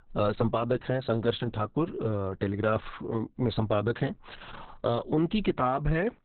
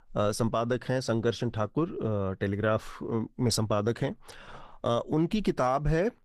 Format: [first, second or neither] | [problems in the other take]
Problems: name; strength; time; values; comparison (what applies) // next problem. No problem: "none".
second | garbled, watery; badly; nothing above 4 kHz; slightly in the second